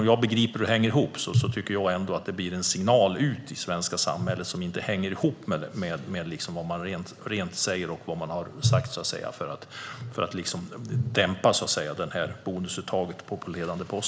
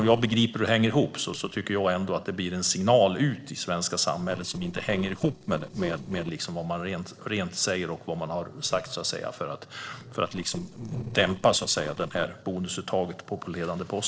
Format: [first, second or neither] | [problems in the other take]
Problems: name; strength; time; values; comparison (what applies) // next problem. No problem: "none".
first | noise reduction (neural separator model SepFormer DNS4)